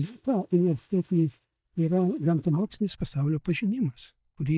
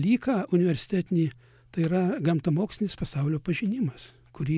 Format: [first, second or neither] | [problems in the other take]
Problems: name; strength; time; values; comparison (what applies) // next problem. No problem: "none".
second | noise reduction (neural mask model DeepFilterNet 3)